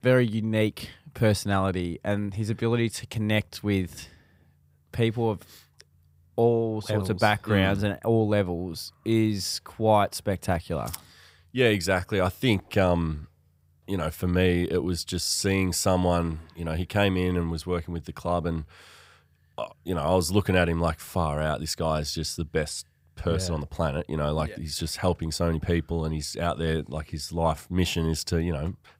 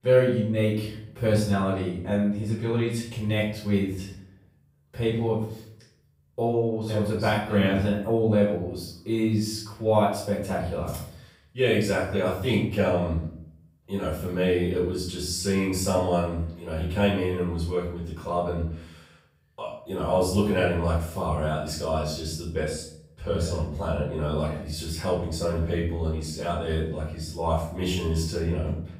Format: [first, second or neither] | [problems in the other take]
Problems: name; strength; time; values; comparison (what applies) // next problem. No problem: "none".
first | off-mic speech; far // room echo; noticeable; dies away in 0.5 s